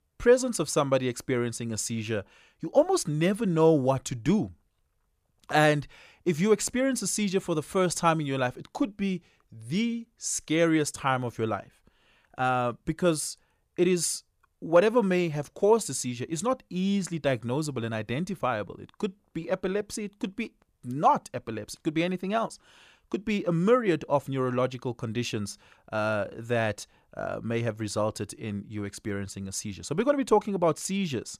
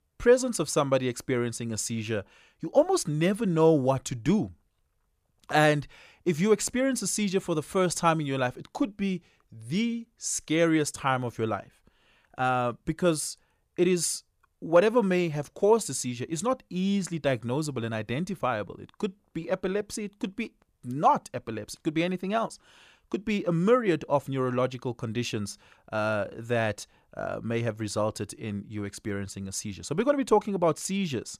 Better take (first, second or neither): neither